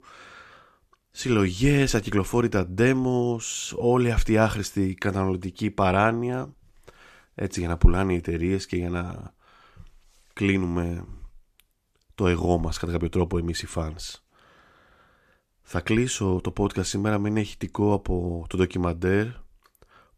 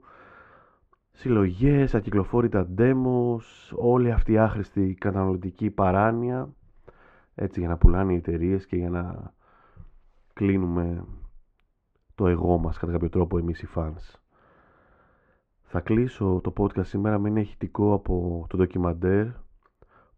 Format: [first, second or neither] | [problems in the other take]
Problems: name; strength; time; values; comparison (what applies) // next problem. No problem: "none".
first | muffled; very; fading above 4 kHz